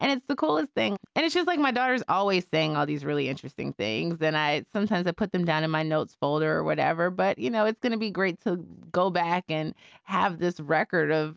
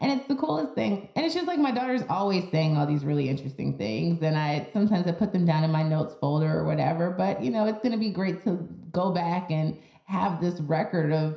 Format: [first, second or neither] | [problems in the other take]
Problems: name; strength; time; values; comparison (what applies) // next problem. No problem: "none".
first | room echo; dies away in 0.5 s